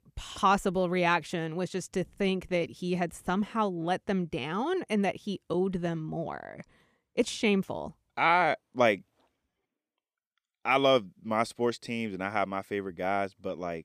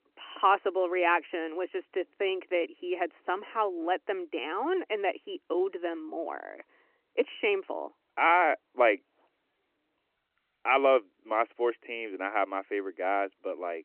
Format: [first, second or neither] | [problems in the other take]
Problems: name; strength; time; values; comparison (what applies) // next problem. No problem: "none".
first | phone-call audio